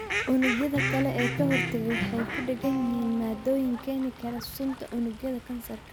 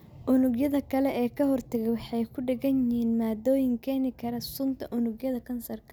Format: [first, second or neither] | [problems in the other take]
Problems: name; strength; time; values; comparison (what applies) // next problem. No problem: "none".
second | background sound (Fowl + Guitar); 4 dB below the speech